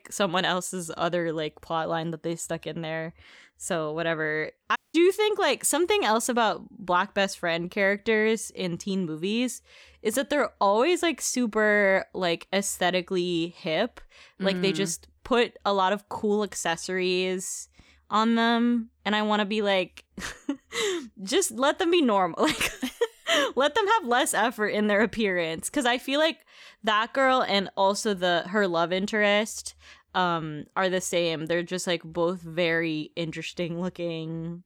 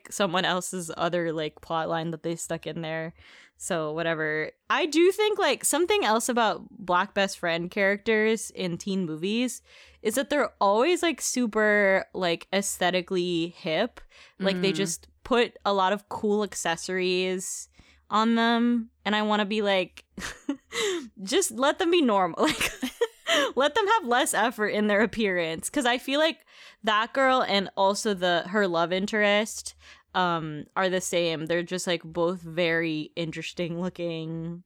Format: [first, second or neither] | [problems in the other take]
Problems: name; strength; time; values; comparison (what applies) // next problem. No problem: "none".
second | audio cutting out; at 5 s